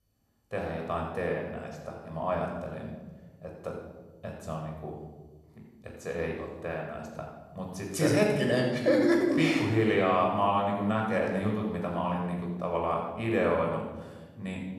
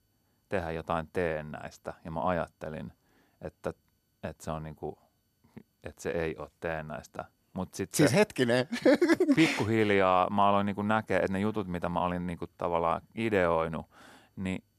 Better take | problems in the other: second | off-mic speech; somewhat distant // room echo; noticeable; dies away in 1.1 s

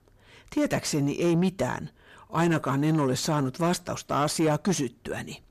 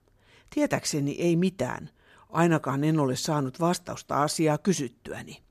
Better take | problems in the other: second | distortion; slight; 10 dB below the speech

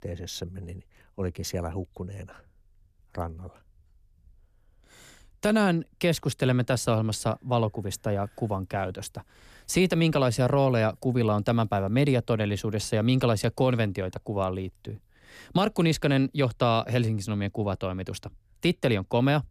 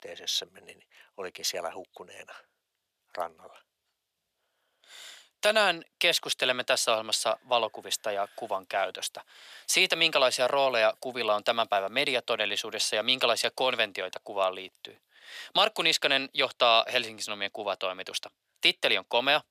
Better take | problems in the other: first | thin; very; fading below 700 Hz

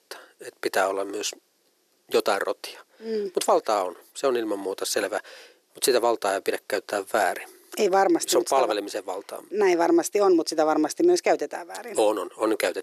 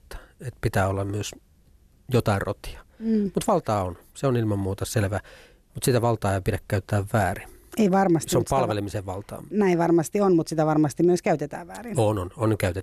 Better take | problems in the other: second | thin; very; fading below 350 Hz

